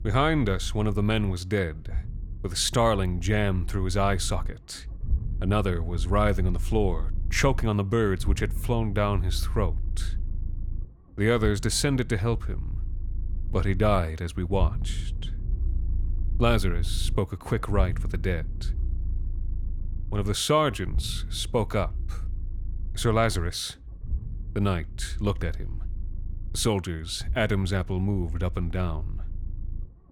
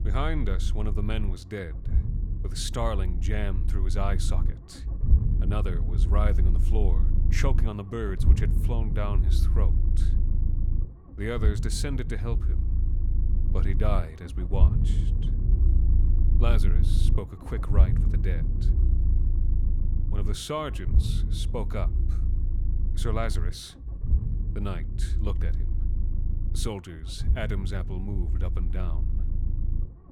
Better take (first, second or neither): first